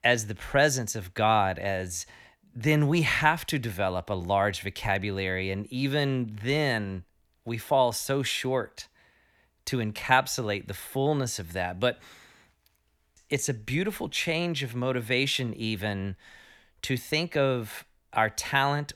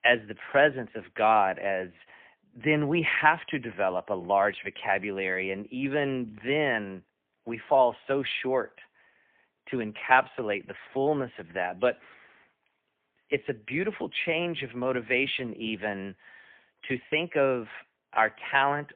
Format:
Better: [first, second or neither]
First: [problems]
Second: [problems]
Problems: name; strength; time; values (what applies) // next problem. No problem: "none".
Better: first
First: none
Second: phone-call audio; poor line; nothing above 3.5 kHz